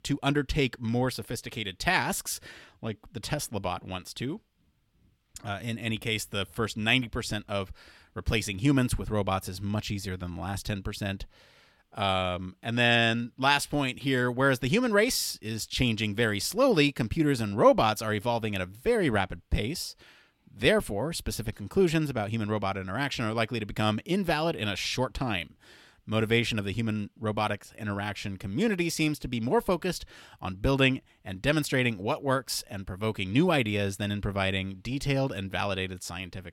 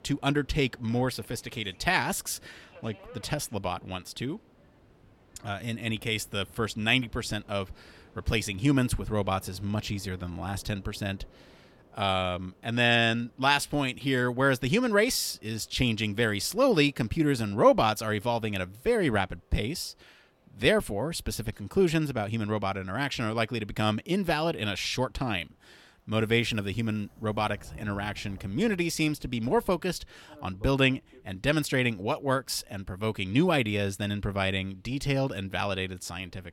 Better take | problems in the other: first | train or aircraft noise; faint; throughout; 30 dB below the speech

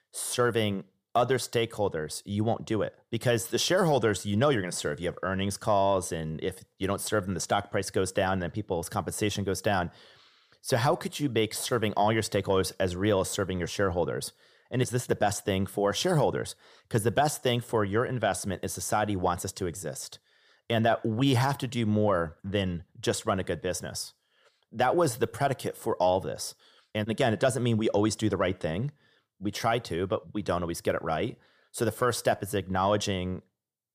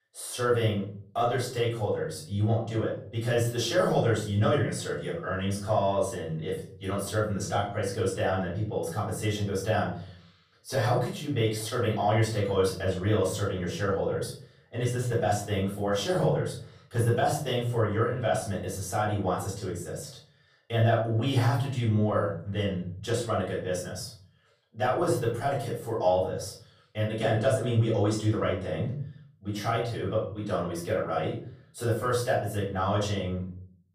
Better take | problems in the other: first | off-mic speech; far // room echo; noticeable; dies away in 0.5 s

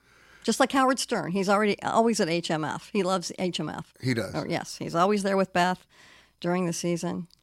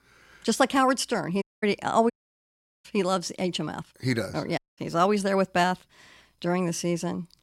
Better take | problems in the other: first | audio cutting out; at 1.5 s, at 2 s for 0.5 s and at 4.5 s

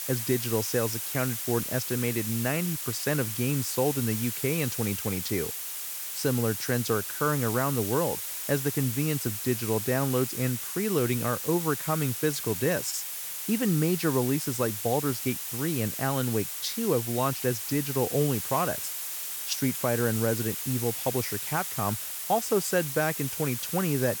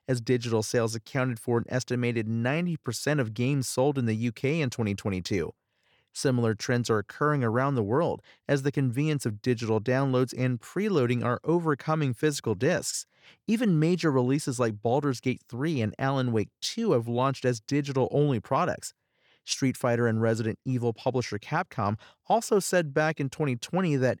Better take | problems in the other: second | hiss; loud; throughout; 3 dB below the speech

